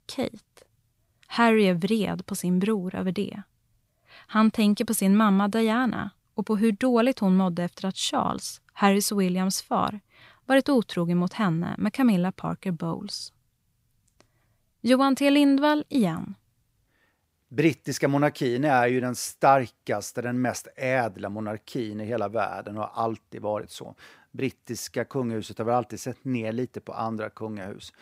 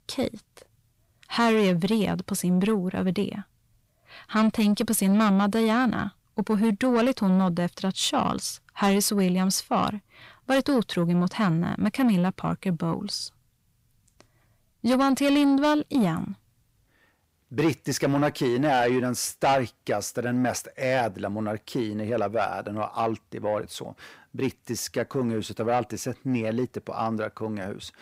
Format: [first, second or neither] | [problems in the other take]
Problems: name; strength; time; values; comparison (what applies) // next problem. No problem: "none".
first | distortion; slight; 10 dB below the speech